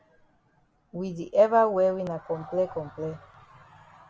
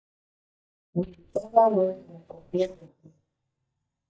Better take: first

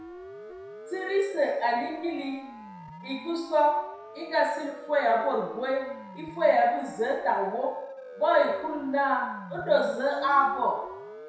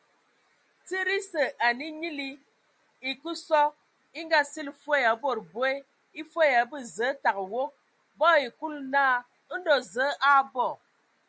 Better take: second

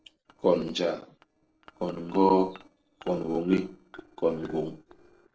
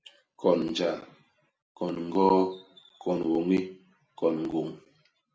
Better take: second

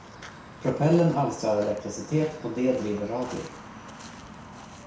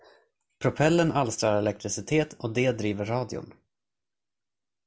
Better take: second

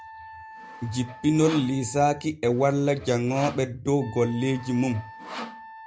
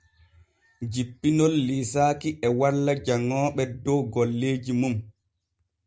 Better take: second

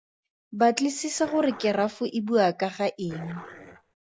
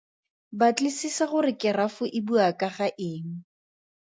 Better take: second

